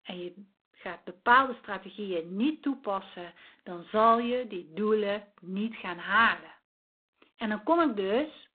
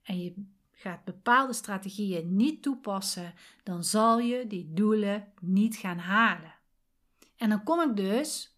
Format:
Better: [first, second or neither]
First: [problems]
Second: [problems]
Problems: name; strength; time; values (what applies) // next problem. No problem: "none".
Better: second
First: phone-call audio; poor line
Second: none